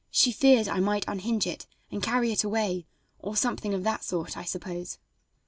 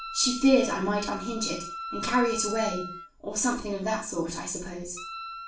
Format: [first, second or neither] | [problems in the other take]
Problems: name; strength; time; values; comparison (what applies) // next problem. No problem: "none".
first | background sound (Wind instrument, woodwind instrument); 12 dB below the speech // room echo; dies away in 0.4 s